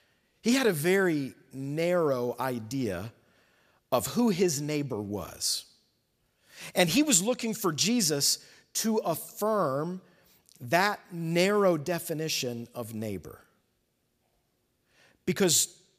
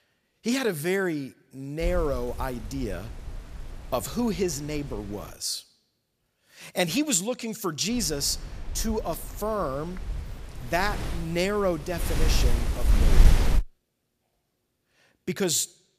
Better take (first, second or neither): first